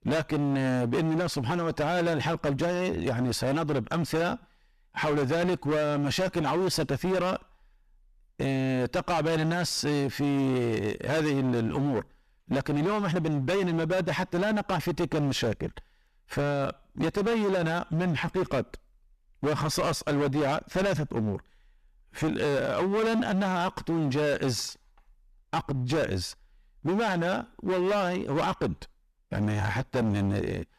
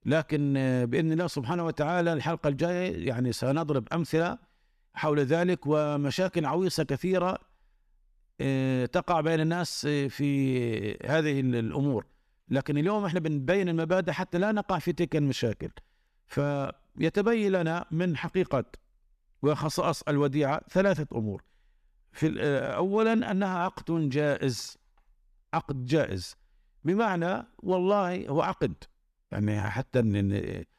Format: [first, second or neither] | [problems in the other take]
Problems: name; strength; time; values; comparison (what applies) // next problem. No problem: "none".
second | distortion; heavy; 22% of the sound clipped